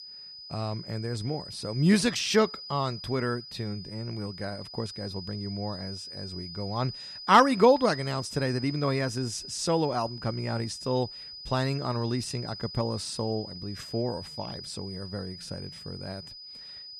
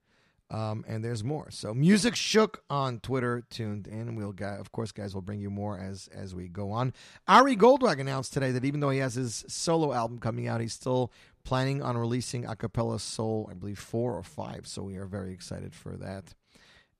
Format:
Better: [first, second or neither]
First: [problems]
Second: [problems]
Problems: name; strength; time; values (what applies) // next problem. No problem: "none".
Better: second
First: high-pitched whine; noticeable; throughout; 5 kHz, 10 dB below the speech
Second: none